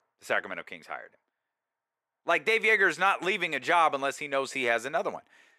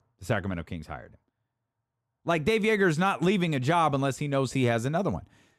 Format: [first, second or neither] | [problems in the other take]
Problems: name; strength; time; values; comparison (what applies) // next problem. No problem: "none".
second | thin; very; fading below 500 Hz